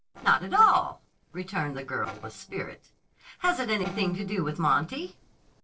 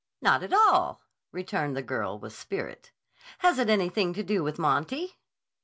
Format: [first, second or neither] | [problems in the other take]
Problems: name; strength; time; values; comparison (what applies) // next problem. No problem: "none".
second | noise reduction (neural separator model SepFormer DNS4)